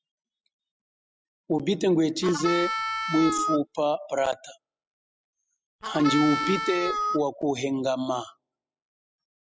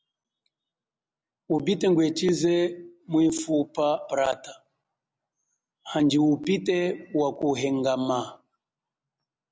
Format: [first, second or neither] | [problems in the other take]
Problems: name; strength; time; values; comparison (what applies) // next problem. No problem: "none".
second | noise reduction (classical method spectral subtraction)